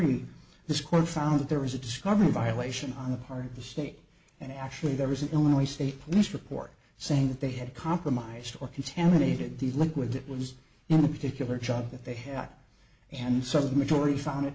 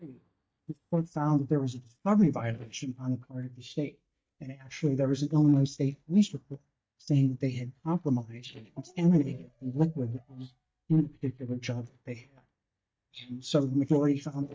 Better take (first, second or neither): first